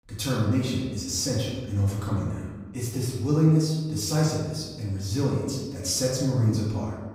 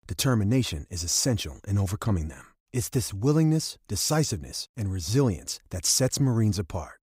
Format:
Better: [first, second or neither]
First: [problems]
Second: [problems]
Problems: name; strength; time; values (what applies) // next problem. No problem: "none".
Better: second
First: room echo; noticeable; dies away in 1.2 s // off-mic speech; far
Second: none